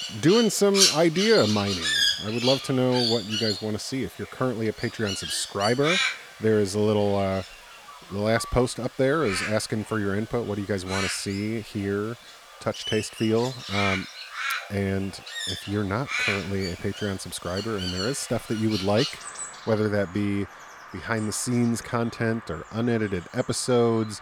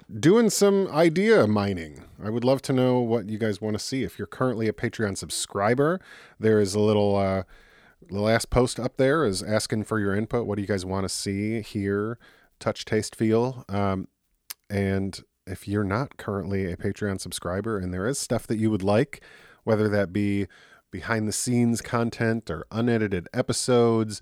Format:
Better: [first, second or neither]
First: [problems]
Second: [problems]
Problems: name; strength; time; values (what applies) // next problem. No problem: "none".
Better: second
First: animal sounds; loud; throughout; 2 dB below the speech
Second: none